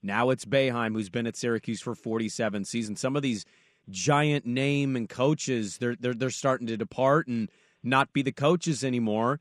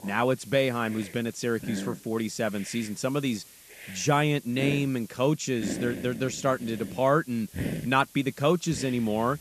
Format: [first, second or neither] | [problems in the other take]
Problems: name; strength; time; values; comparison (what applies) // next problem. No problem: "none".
first | hiss; noticeable; throughout; 10 dB below the speech